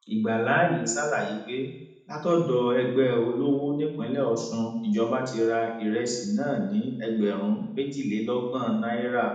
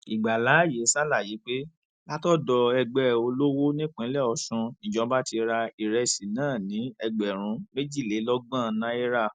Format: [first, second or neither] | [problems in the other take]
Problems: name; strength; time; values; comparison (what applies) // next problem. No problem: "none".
second | room echo; dies away in 0.8 s